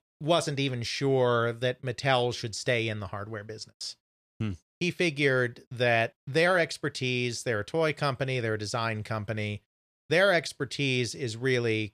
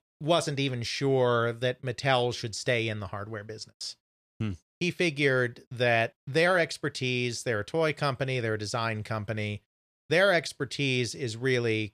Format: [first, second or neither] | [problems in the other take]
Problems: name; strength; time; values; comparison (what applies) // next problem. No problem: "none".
neither | none